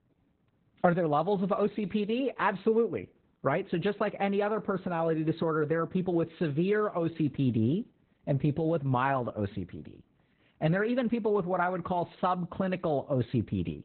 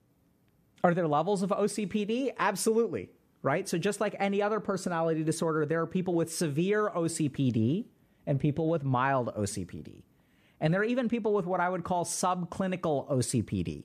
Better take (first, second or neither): second